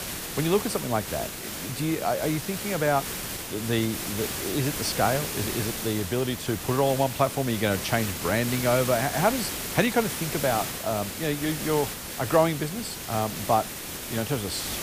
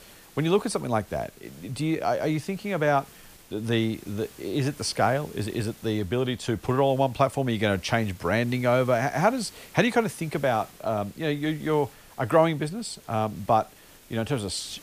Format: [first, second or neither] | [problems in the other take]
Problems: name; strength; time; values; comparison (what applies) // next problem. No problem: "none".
second | hiss; loud; throughout; 5 dB below the speech; faint in the second